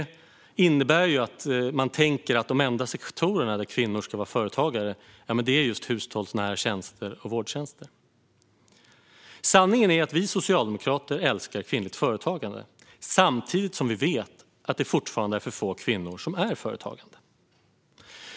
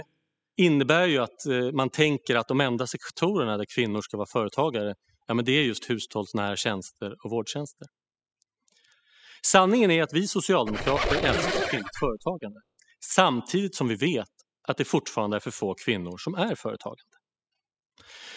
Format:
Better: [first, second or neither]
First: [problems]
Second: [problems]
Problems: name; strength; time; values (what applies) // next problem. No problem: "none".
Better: first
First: none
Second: noise reduction (classical method spectral subtraction)